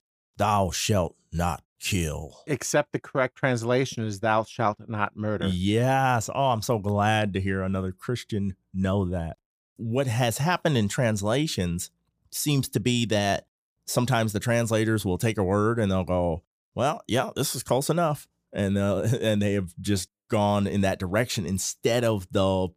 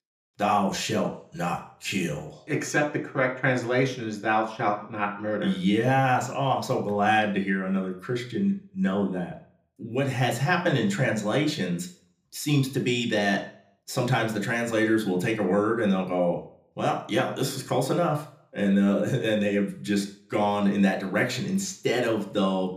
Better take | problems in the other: first | room echo; slight; dies away in 0.4 s // off-mic speech; somewhat distant

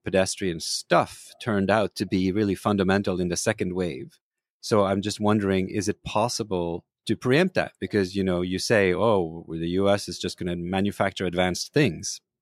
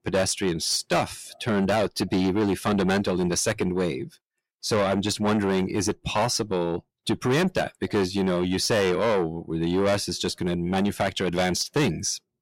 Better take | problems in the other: first | distortion; heavy; 6 dB below the speech

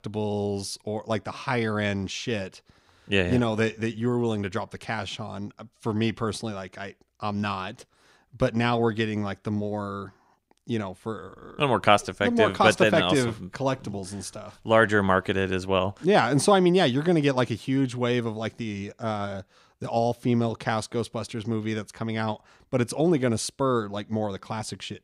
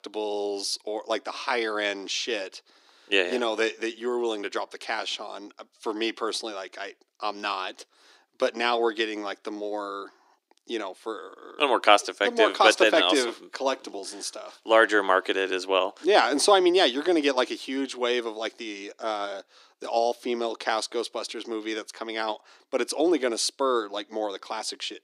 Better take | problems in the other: first | thin; somewhat; fading below 300 Hz

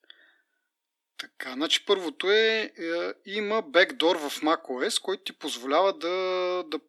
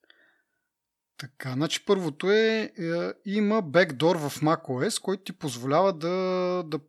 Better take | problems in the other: second | thin; somewhat; fading below 250 Hz

